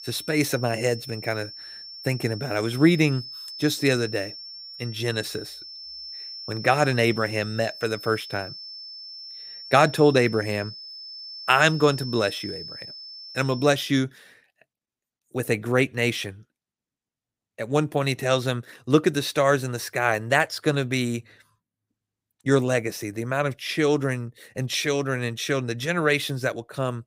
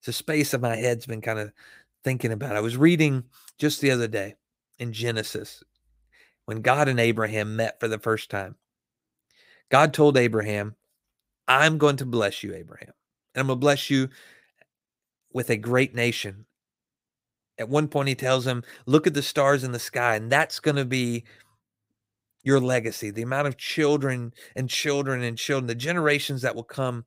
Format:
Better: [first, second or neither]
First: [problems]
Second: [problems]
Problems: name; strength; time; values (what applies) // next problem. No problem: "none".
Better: second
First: high-pitched whine; noticeable; until 14 s; 5.5 kHz, 15 dB below the speech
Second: none